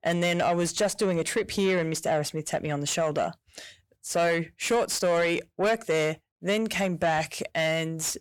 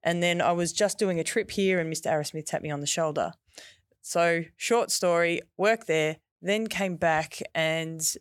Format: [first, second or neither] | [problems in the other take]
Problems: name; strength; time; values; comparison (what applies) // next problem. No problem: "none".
second | distortion; slight; 10 dB below the speech